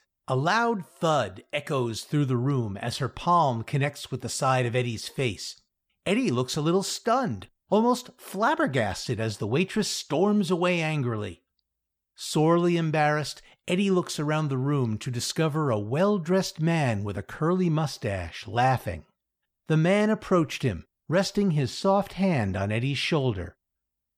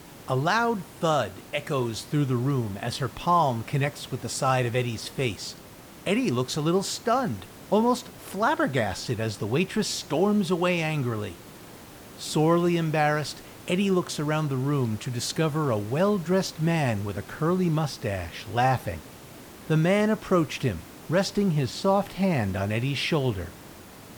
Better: first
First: none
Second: hiss; noticeable; throughout; 20 dB below the speech

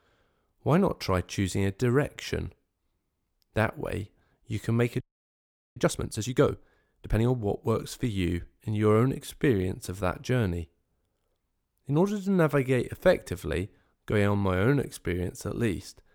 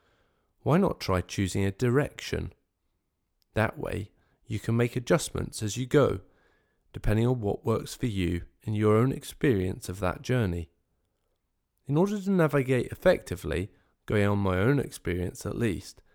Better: second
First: audio freezing; at 5 s for 1 s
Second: none

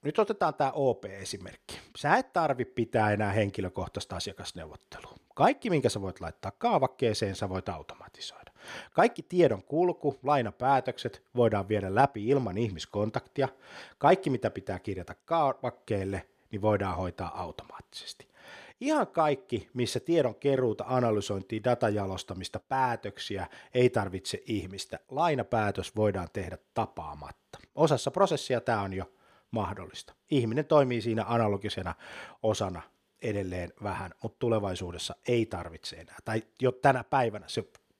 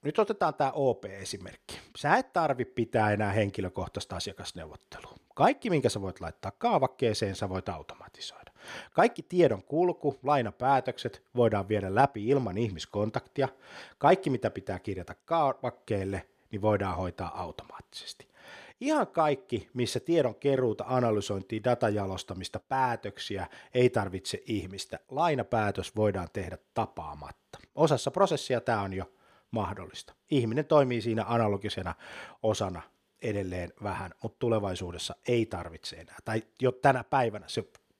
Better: neither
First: none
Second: none

